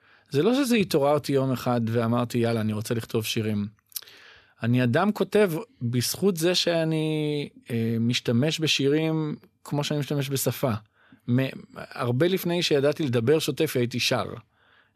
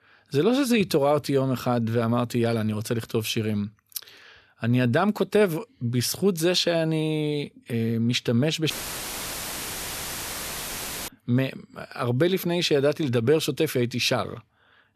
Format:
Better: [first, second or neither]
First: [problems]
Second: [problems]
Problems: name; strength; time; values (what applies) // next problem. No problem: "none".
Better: first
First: none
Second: audio cutting out; filled with static; at 8.5 s for 2.5 s